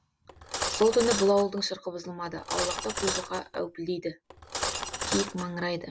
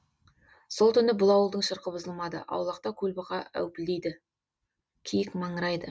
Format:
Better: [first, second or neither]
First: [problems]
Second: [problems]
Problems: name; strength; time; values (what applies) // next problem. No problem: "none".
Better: second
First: background sound (Cutlery, silverware); 4 dB below the speech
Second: none